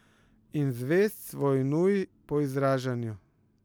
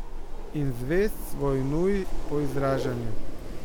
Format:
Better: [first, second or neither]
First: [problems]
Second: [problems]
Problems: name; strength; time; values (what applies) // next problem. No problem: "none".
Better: first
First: none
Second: background sound (Wind); 1 dB above the speech